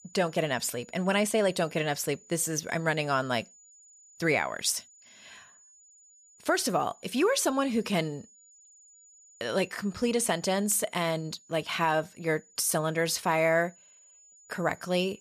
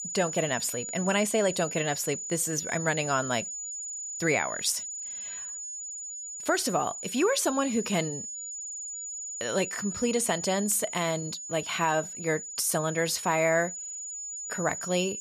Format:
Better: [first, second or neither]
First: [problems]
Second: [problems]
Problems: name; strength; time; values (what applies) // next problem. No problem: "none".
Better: first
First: high-pitched whine; faint; throughout; 7 kHz, 25 dB below the speech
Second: high-pitched whine; loud; throughout; 7 kHz, 6 dB below the speech